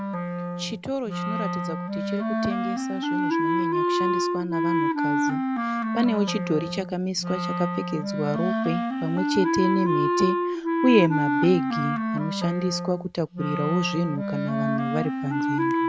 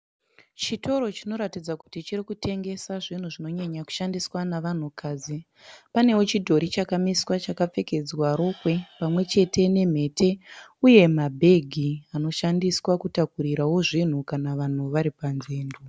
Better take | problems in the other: second | background sound (Wind instrument, woodwind instrument); 2 dB above the speech

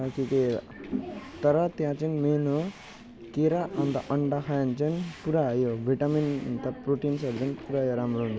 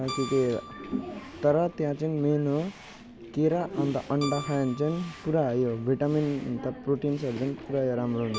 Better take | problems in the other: first | background sound (Keyboard (musical)); 17 dB below the speech

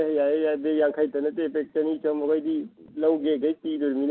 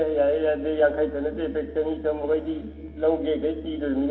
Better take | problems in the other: first | background sound (Musical instrument); 18 dB below the speech // room echo; dies away in 1.5 s

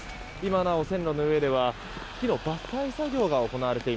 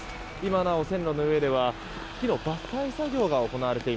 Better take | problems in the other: first | background sound (Guitar); 18 dB below the speech

